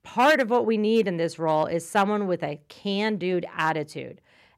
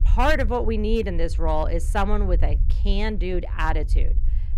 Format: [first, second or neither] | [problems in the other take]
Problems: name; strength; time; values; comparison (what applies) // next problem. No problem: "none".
first | low rumble; faint; throughout; 20 dB below the speech